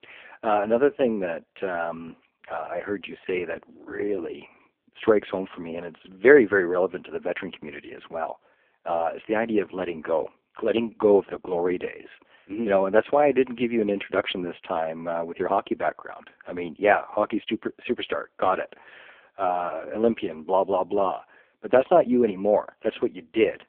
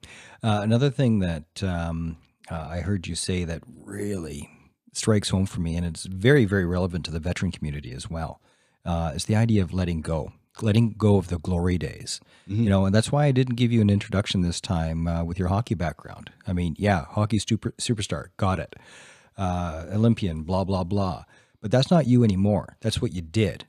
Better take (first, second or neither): second